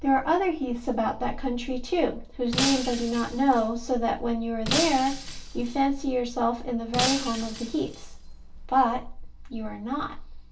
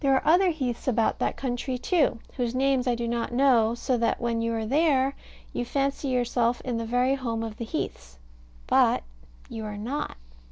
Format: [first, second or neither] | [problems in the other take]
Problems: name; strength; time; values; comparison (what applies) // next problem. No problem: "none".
second | background sound (Shatter); 7 dB below the speech // room echo; dies away in 0.3 s